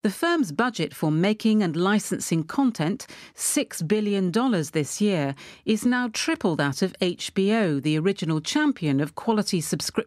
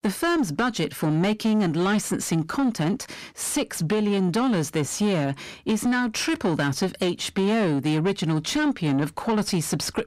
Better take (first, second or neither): first